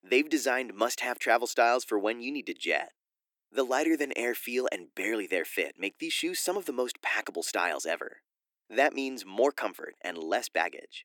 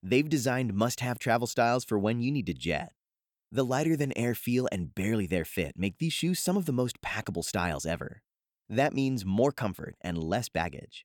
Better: second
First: thin; somewhat; fading below 300 Hz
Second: none

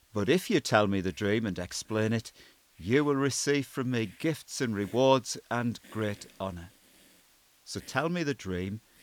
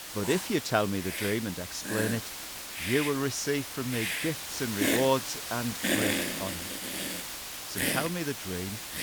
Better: first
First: hiss; faint; throughout; 30 dB below the speech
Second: hiss; loud; throughout; 1 dB below the speech

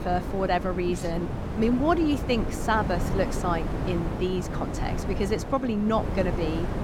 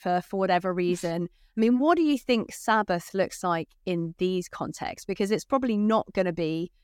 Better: second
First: wind noise on the microphone; heavy; 7 dB below the speech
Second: none

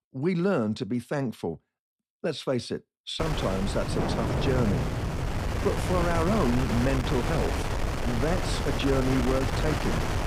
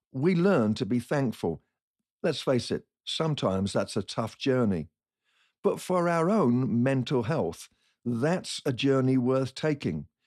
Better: second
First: wind noise on the microphone; heavy; from 3 s on; 1 dB below the speech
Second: none

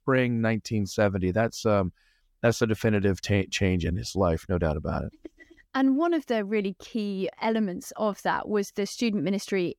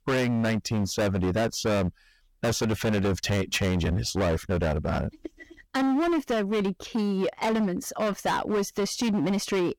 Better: first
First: none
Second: distortion; heavy; 24% of the sound clipped

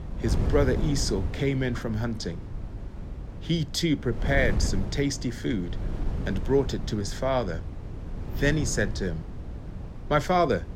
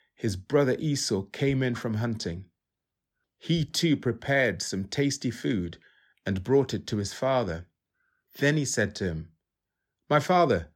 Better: second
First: wind noise on the microphone; occasional gusts; 15 dB below the speech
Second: none

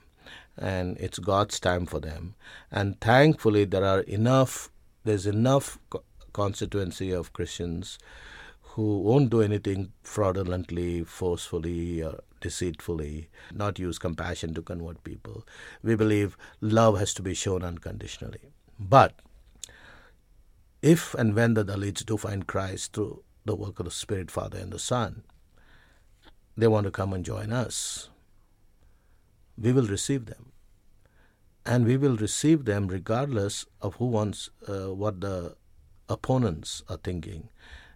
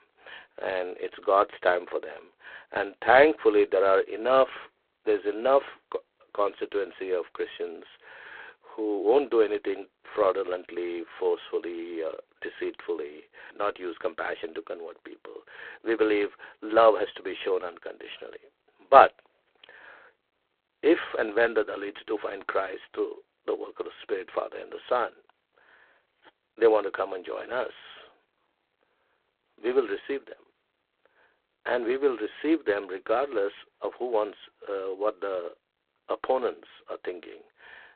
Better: first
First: none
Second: phone-call audio; poor line; nothing above 4 kHz

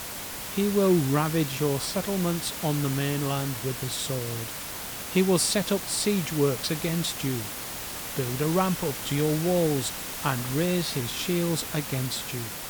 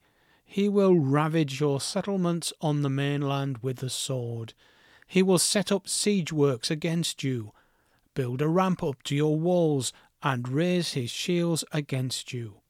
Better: second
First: hiss; loud; throughout; 6 dB below the speech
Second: none

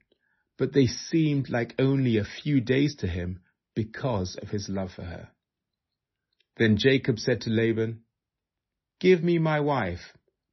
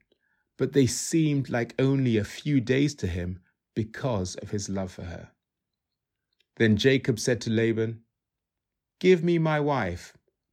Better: second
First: garbled, watery; slightly; nothing above 6 kHz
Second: none

